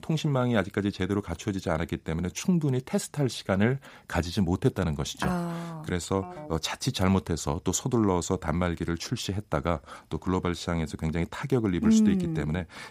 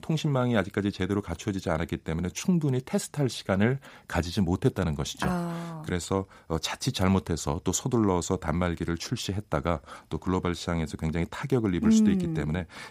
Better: second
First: phone ringing; faint; at 6 s; peak 15 dB below the speech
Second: none

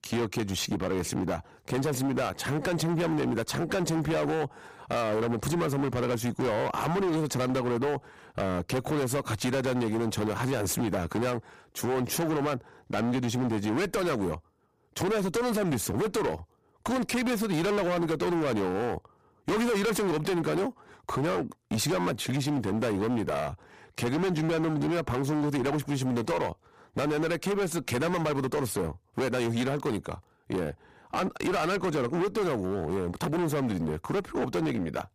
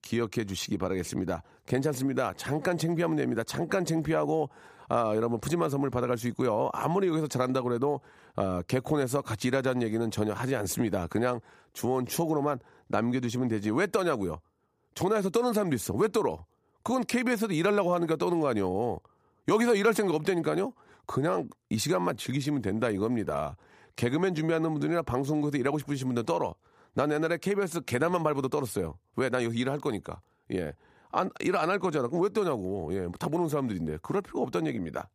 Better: second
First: distortion; heavy; 27% of the sound clipped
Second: none

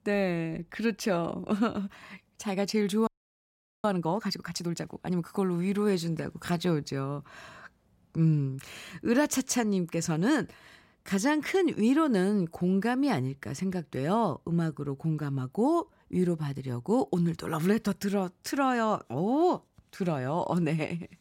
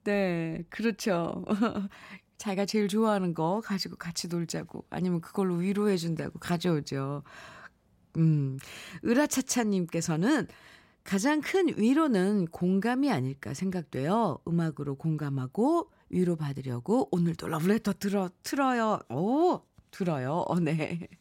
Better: second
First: audio freezing; at 3 s for 1 s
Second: none

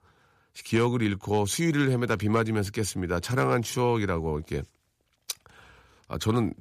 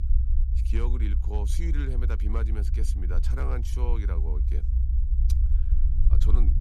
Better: first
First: none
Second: low rumble; loud; throughout; 5 dB below the speech

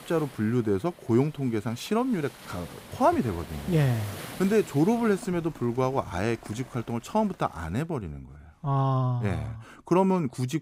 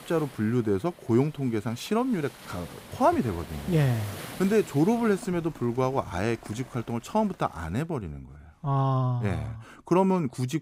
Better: neither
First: rain or running water; noticeable; until 7.5 s; 15 dB below the speech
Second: rain or running water; noticeable; until 7.5 s; 15 dB below the speech

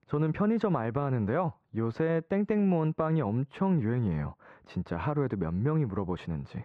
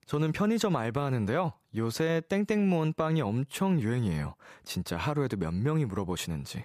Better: second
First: muffled; very; fading above 1.5 kHz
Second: none

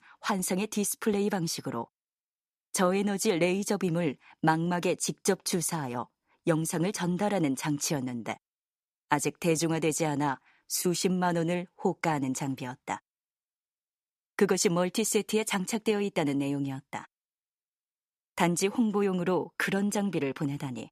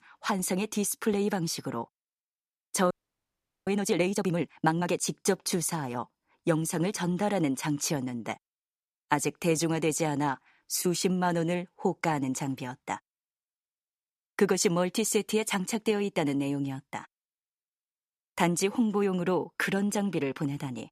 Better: first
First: none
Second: audio freezing; at 3 s for 1 s

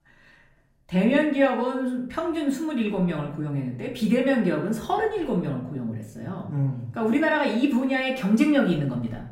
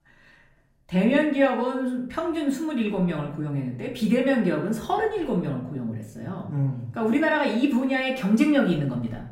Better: neither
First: room echo; slight; dies away in 0.5 s // off-mic speech; far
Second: room echo; slight; dies away in 0.5 s // off-mic speech; far

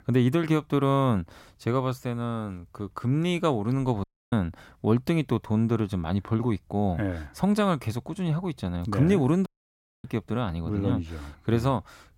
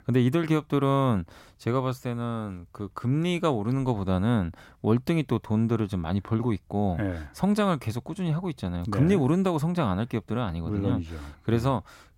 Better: second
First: audio cutting out; at 4 s and at 9.5 s for 0.5 s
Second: none

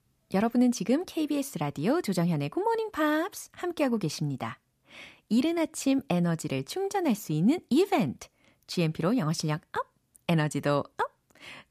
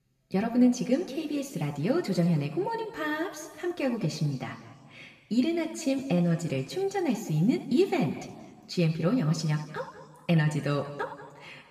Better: first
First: none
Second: room echo; slight; dies away in 1.5 s // off-mic speech; somewhat distant

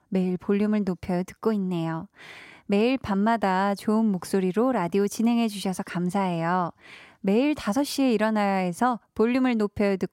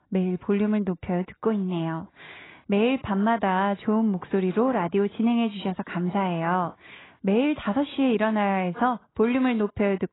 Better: first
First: none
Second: garbled, watery; badly; nothing above 4 kHz

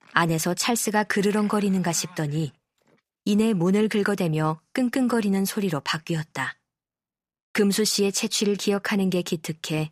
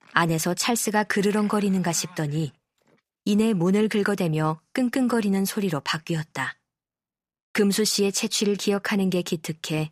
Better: neither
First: none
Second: none

